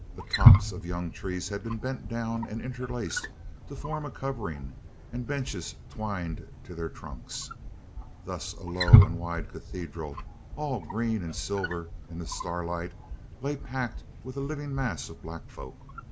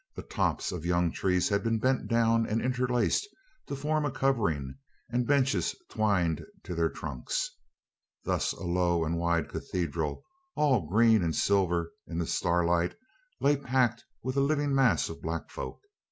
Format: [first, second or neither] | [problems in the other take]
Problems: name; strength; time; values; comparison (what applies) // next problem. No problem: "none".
second | background sound (Wild animals); 5 dB above the speech